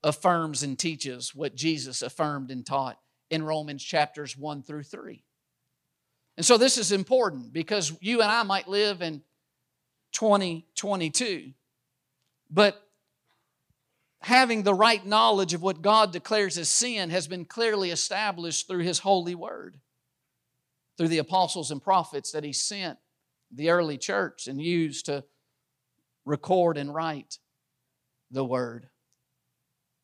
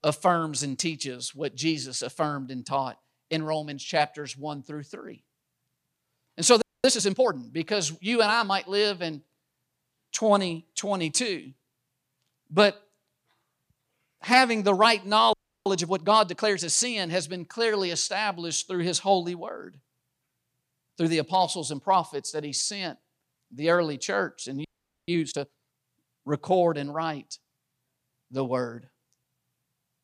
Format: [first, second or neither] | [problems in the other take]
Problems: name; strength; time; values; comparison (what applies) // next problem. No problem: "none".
first | audio freezing; at 6.5 s, at 15 s and at 25 s